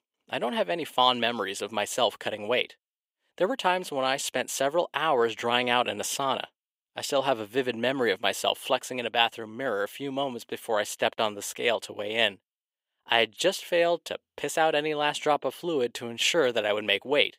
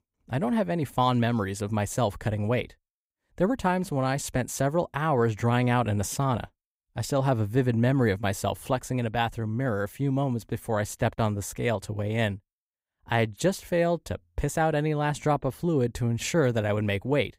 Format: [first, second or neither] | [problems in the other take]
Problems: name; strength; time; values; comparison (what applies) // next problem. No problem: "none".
second | thin; somewhat; fading below 450 Hz